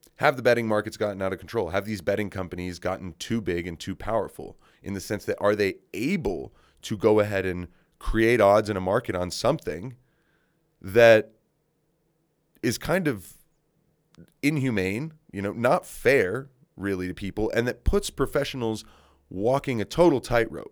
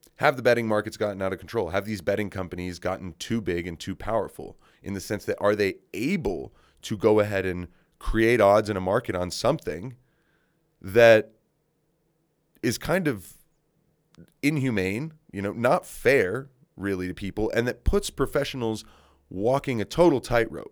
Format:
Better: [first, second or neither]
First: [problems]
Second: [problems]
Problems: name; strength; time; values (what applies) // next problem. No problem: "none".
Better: neither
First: none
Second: none